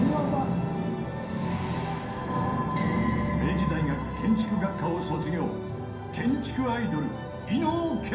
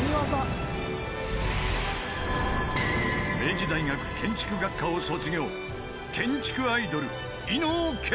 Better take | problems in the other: second | background sound (Car); 13 dB below the speech // room echo; dies away in 0.6 s

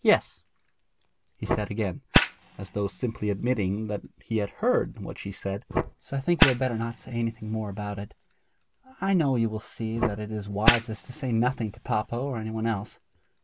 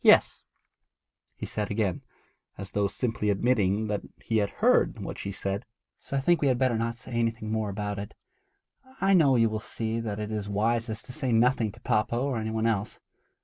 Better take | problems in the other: second | background sound (Fire); 4 dB below the speech

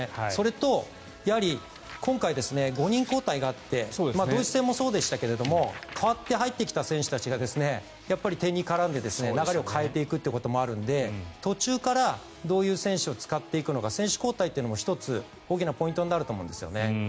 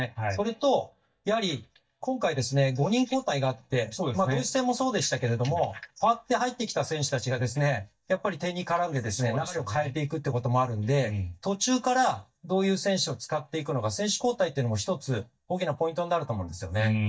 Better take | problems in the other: first | noise reduction (neural mask model DeepFilterNet 3)

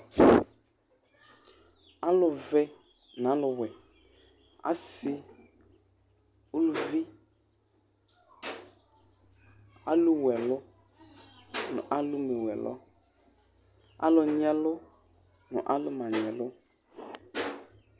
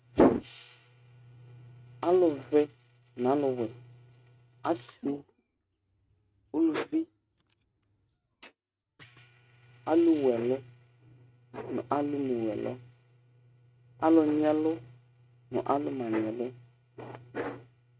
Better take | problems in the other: first | noise reduction (neural mask model RNNoise)

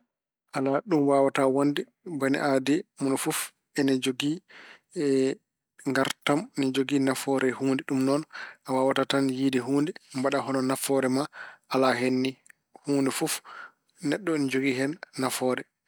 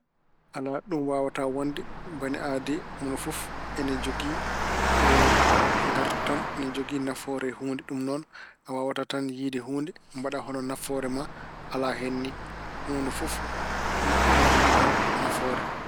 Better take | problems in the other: first | background sound (Engine); 4 dB above the speech

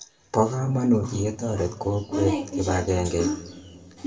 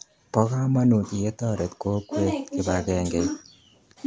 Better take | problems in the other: second | room echo; dies away in 1.8 s

